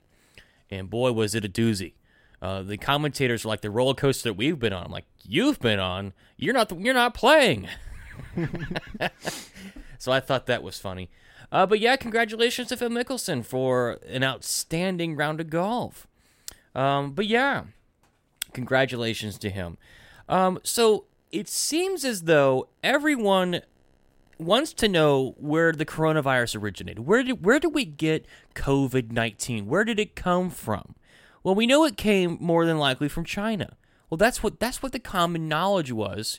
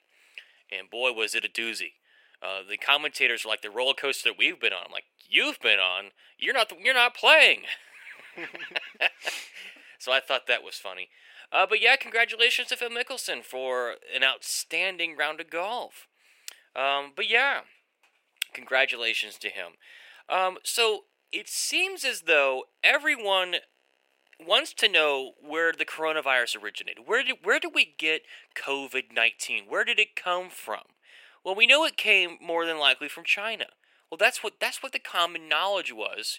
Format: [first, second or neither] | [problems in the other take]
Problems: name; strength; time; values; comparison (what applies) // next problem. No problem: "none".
first | thin; very; fading below 450 Hz